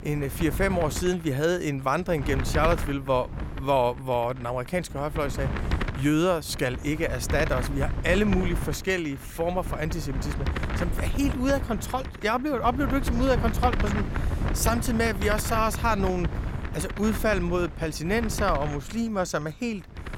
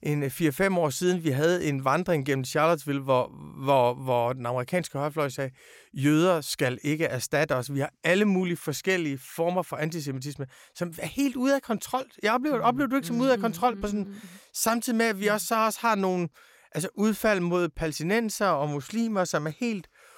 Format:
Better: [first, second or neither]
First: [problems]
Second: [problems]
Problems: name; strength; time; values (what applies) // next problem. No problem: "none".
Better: second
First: wind noise on the microphone; heavy; 10 dB below the speech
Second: none